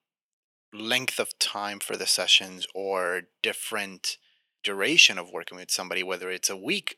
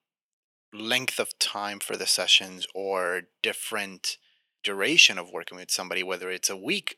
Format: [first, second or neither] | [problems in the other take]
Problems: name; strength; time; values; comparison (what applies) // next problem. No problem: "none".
neither | thin; very; fading below 550 Hz; the same in both